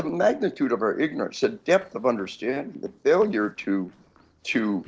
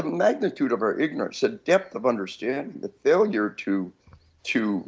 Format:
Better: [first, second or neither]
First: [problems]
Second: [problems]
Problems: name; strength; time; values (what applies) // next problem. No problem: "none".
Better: second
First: noise reduction (neural separator model SepFormer DNS4)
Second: none